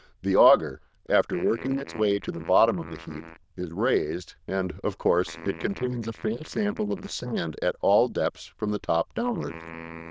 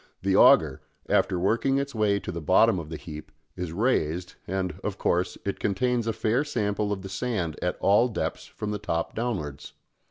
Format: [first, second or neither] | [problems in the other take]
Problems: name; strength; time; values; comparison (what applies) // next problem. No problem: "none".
second | noise reduction (neural diffusion model UNIVERSE++)